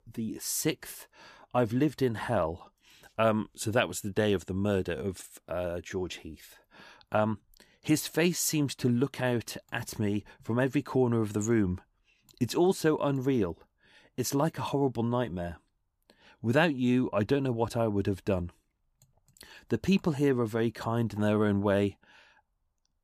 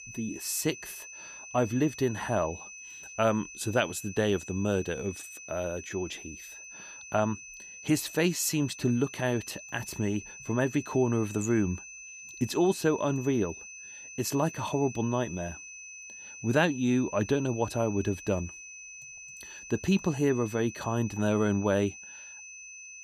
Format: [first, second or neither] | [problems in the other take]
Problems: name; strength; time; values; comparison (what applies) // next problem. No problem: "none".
first | high-pitched whine; noticeable; throughout; 2.5 kHz, 15 dB below the speech